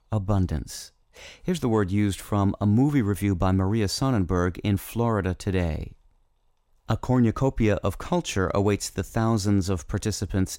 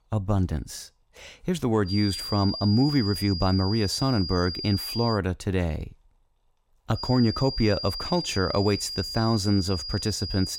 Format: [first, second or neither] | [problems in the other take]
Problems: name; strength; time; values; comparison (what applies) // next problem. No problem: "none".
first | high-pitched whine; loud; from 2 to 5 s and from 7 s on; 5 kHz, 6 dB below the speech